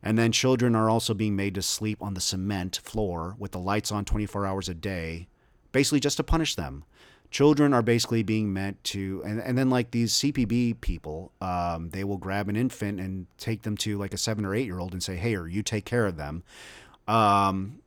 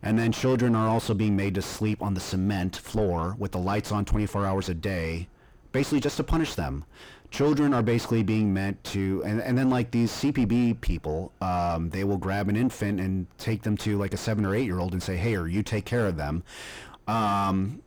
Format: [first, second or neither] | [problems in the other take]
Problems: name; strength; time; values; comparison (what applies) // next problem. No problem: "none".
first | distortion; heavy; 6 dB below the speech